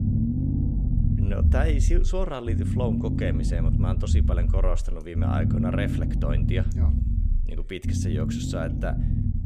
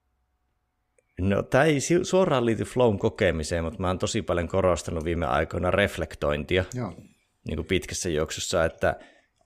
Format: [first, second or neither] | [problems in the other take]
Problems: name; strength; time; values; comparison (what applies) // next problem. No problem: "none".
second | low rumble; loud; throughout; 3 dB below the speech